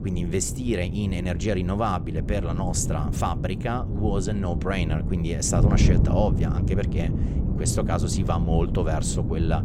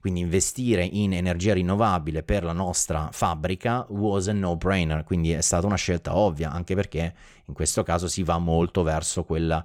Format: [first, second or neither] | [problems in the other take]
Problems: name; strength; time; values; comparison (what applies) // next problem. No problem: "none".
second | wind noise on the microphone; heavy; 7 dB below the speech